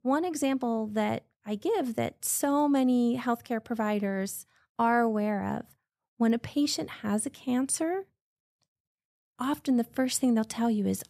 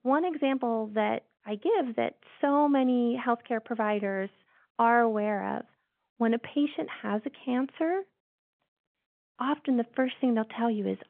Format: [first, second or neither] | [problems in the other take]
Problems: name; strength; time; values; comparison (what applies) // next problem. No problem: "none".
first | phone-call audio